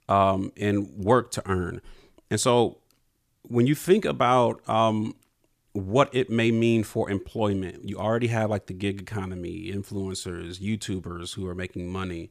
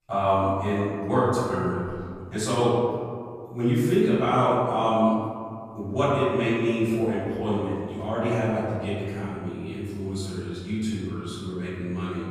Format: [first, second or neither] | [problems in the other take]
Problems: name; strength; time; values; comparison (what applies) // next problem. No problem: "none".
first | off-mic speech; far // room echo; strong; dies away in 1.9 s